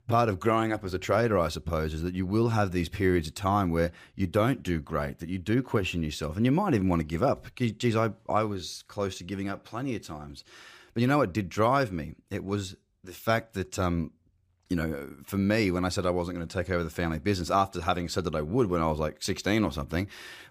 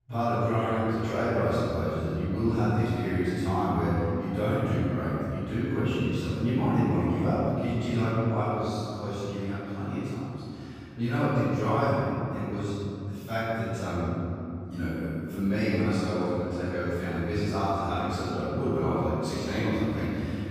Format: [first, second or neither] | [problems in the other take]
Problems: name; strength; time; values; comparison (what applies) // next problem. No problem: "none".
first | room echo; strong; dies away in 3 s // off-mic speech; far